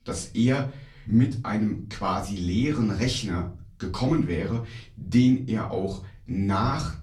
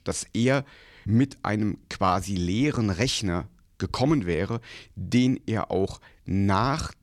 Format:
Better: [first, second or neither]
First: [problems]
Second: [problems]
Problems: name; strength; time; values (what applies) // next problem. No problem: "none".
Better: second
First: off-mic speech; far // room echo; very slight; dies away in 0.3 s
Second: none